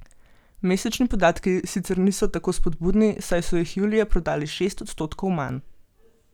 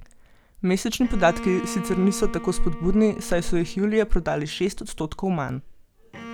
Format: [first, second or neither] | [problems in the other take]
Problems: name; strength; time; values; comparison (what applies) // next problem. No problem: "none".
first | background sound (Bowed string instrument); 15 dB below the speech